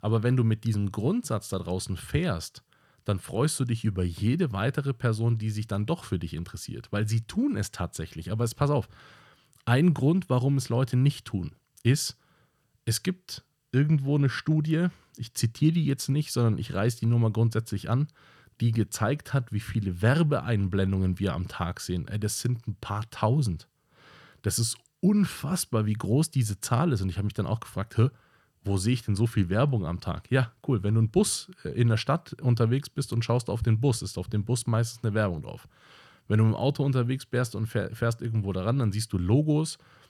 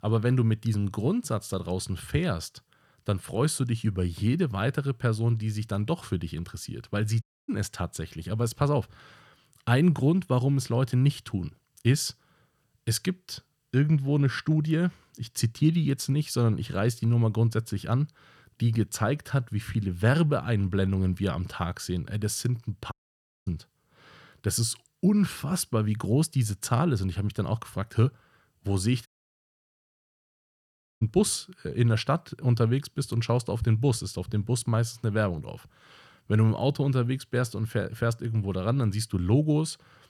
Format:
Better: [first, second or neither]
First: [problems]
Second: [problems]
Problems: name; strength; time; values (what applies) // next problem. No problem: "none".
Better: first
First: none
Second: audio cutting out; at 7 s, at 23 s for 0.5 s and at 29 s for 2 s